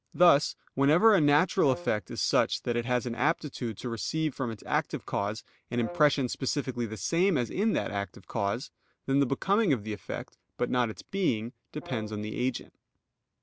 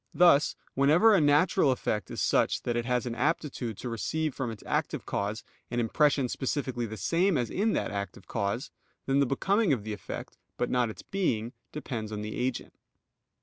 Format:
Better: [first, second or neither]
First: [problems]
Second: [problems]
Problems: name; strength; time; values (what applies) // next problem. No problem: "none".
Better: second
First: background sound (Brass instrument); 18 dB below the speech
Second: none